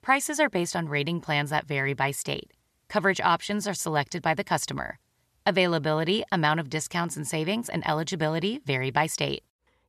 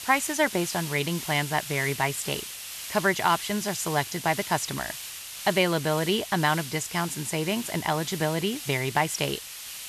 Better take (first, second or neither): first